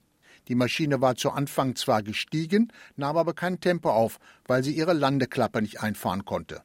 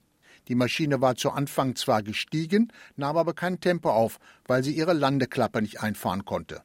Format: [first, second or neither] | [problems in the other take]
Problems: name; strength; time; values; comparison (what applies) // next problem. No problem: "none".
neither | none